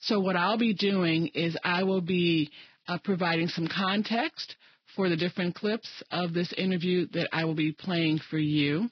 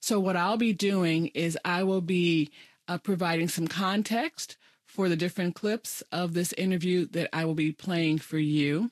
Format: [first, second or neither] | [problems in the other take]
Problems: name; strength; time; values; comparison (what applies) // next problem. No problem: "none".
second | garbled, watery; badly; nothing above 5 kHz; slightly in the second